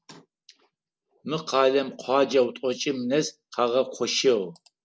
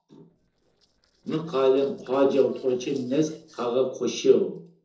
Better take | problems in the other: first | noise reduction (neural separator model SepFormer DNS4)

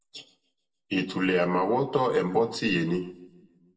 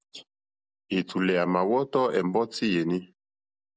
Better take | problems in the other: second | room echo; dies away in 0.6 s

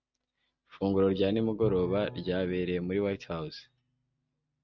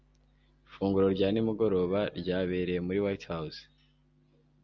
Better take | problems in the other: second | noise reduction (neural mask model RNNoise)

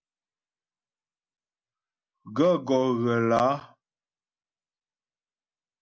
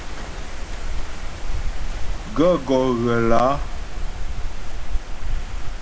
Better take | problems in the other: first | background sound (Wind); 3 dB above the speech

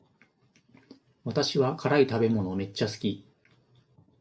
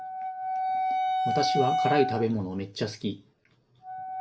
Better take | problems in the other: first | background sound (Wind instrument, woodwind instrument); 1 dB above the speech

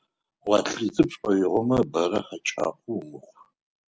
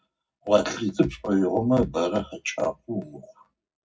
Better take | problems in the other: first | room echo; dies away in 0.4 s

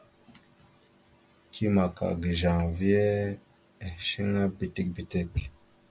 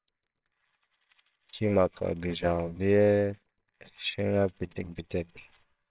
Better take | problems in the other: first | noise reduction (neural separator model SepFormer WHAMR!)

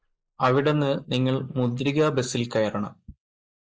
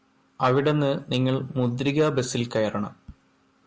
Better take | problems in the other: second | noise reduction (neural mask model Resemble Enhance denoiser)

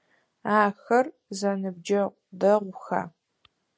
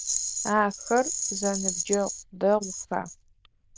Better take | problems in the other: first | noise reduction (neural diffusion model UNIVERSE++)

